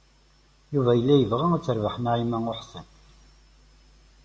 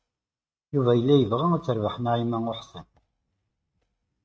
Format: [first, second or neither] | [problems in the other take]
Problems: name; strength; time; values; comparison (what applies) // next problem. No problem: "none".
first | noise reduction (neural mask model RNNoise)